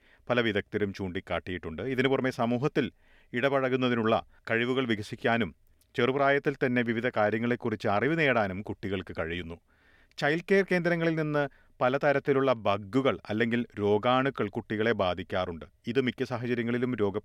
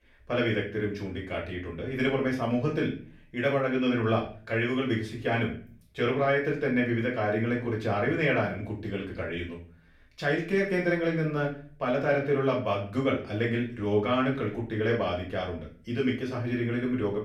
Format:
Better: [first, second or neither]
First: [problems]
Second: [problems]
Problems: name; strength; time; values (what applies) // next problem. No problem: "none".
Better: first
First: none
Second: room echo; slight; dies away in 0.4 s // off-mic speech; far